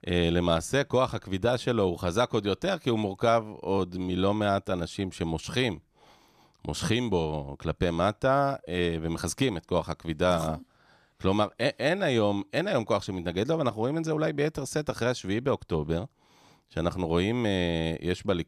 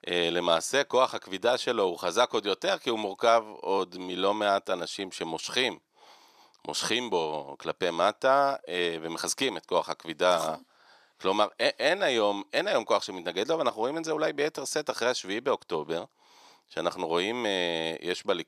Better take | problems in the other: first | thin; somewhat; fading below 400 Hz

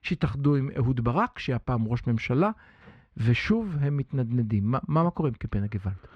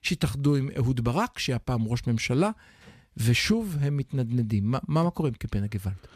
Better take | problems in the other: second | muffled; very; fading above 2.5 kHz

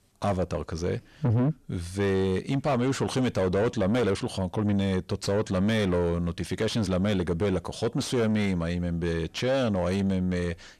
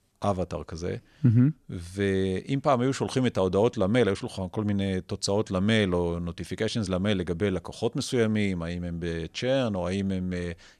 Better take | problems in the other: second | distortion; heavy; 8 dB below the speech

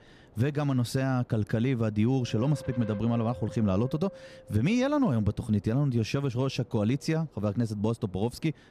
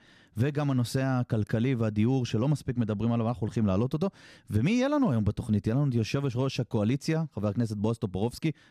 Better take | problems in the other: second | wind noise on the microphone; occasional gusts; 15 dB below the speech

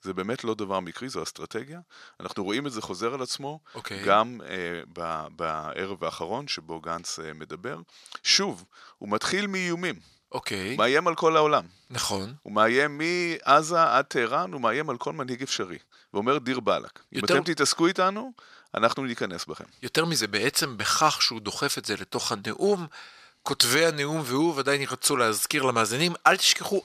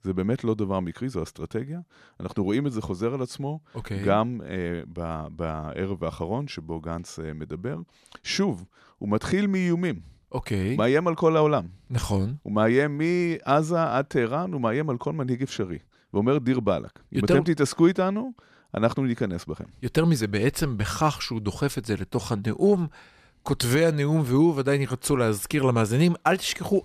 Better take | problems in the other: second | thin; somewhat; fading below 800 Hz

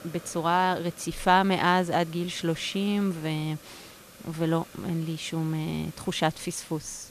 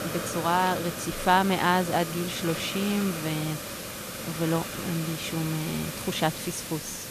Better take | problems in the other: first | hiss; loud; throughout; 6 dB below the speech; faint in the first

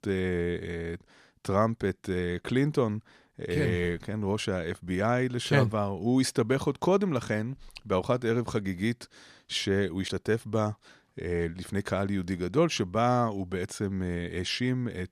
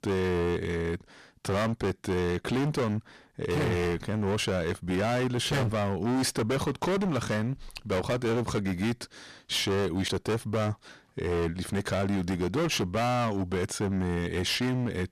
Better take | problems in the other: first | distortion; heavy; 27% of the sound clipped

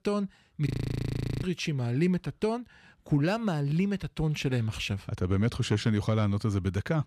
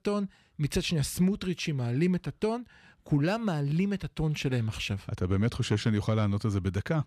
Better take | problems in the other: second | audio freezing; at 0.5 s for 0.5 s

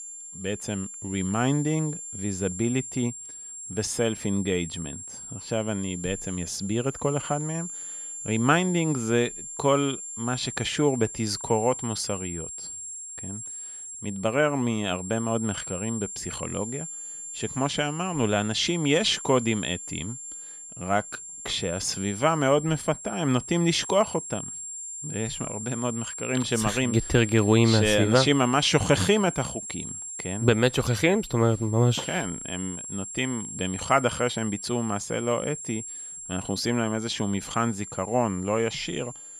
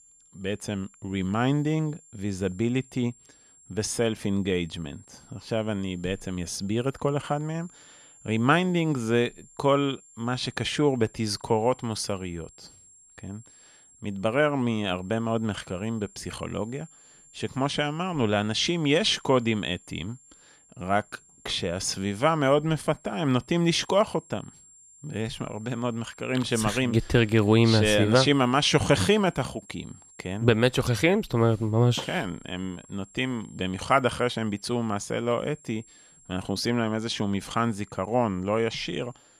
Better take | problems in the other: second | high-pitched whine; loud; throughout; 7.5 kHz, 9 dB below the speech; faint in the second

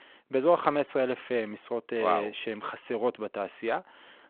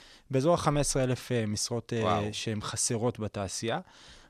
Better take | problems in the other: second | phone-call audio

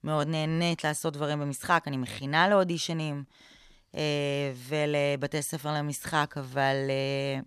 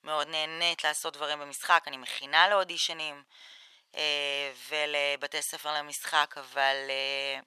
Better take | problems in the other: first | thin; very; fading below 850 Hz

